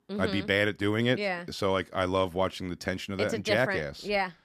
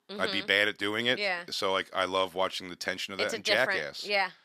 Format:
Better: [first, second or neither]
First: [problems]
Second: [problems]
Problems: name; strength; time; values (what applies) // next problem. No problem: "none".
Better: first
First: none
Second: thin; somewhat; fading below 800 Hz